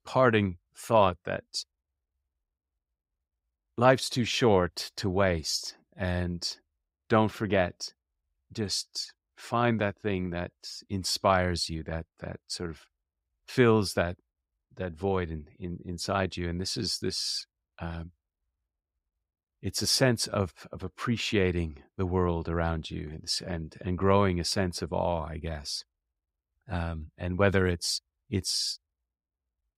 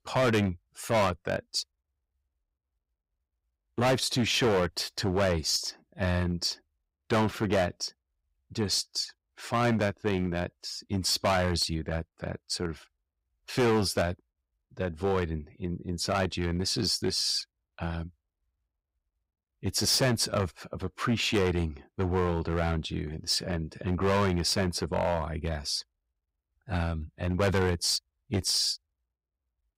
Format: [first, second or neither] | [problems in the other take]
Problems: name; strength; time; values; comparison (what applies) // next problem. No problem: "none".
first | distortion; heavy; 6% of the sound clipped